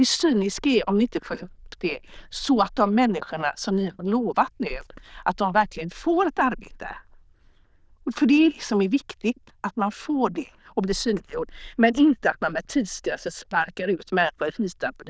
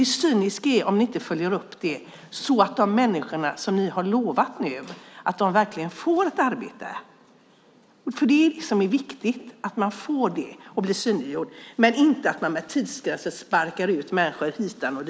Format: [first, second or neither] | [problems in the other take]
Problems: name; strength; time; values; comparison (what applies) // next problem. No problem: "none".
second | noise reduction (neural diffusion model UNIVERSE++)